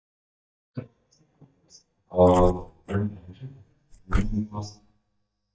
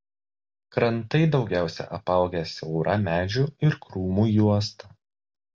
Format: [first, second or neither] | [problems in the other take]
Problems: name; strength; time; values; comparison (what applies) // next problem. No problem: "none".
second | noise reduction (neural mask model DeepFilterNet 3)